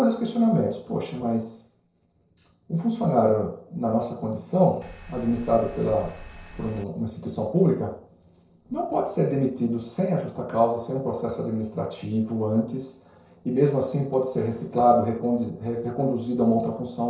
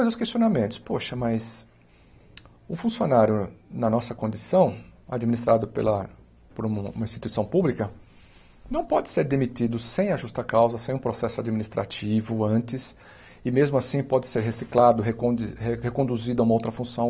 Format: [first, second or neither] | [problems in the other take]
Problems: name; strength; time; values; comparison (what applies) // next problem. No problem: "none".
second | noise reduction (neural separator model SepFormer DNS4)